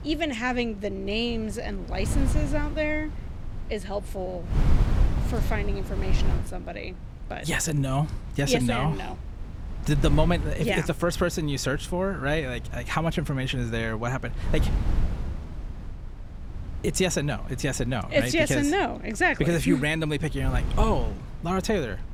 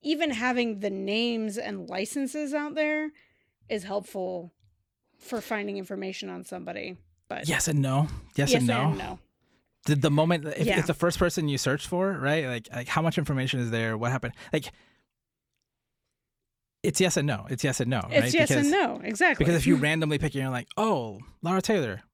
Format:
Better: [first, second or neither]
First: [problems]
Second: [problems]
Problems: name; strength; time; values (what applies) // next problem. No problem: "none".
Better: second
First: wind noise on the microphone; occasional gusts; 15 dB below the speech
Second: none